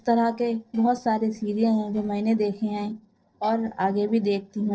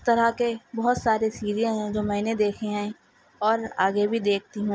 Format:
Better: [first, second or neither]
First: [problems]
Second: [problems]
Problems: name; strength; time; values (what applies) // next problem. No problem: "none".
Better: second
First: noise reduction (neural separator model SepFormer DNS4)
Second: none